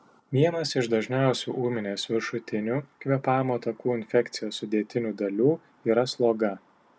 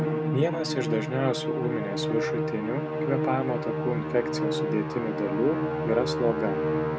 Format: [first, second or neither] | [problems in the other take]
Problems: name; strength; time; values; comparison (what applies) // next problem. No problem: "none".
first | background sound (Musical instrument); 1 dB above the speech